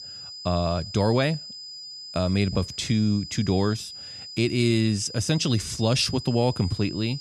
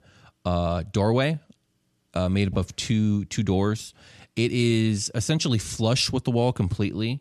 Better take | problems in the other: second | high-pitched whine; noticeable; throughout; 5 kHz, 10 dB below the speech

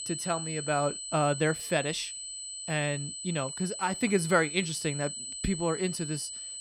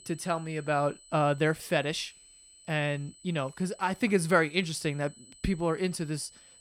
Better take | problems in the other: second | high-pitched whine; loud; throughout; 8 kHz, 6 dB below the speech; faint in the second

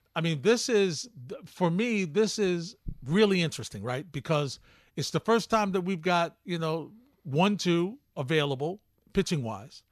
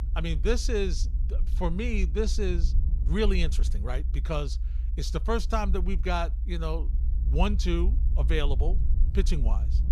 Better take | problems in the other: first | low rumble; noticeable; throughout; 15 dB below the speech

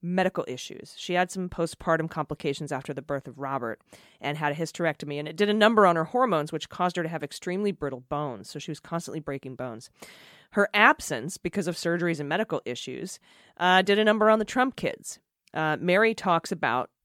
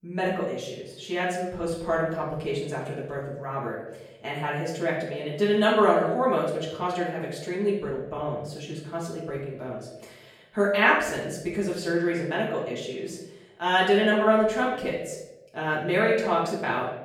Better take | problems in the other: first | room echo; noticeable; dies away in 0.8 s // off-mic speech; far

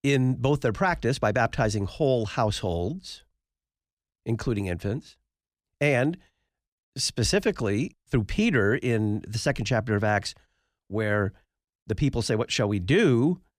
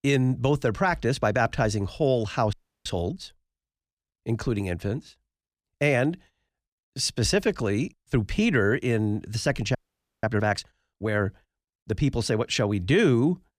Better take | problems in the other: first | audio freezing; at 2.5 s and at 10 s

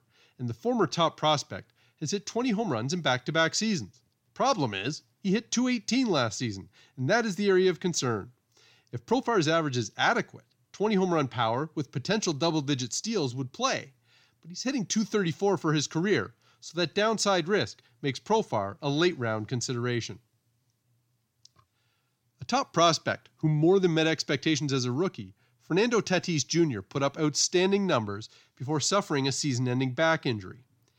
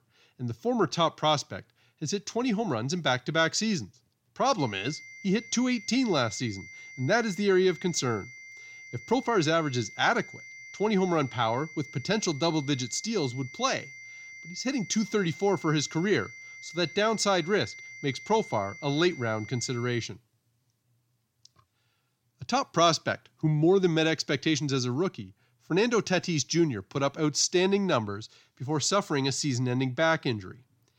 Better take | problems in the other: first | high-pitched whine; noticeable; from 4.5 to 20 s; 2 kHz, 15 dB below the speech

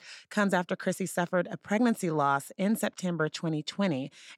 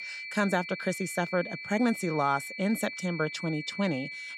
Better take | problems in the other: first | high-pitched whine; loud; throughout; 2.5 kHz, 8 dB below the speech

